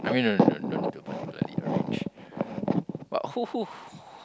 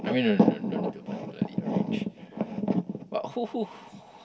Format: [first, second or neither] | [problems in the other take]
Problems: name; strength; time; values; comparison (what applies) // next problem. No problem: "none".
first | room echo; dies away in 1.3 s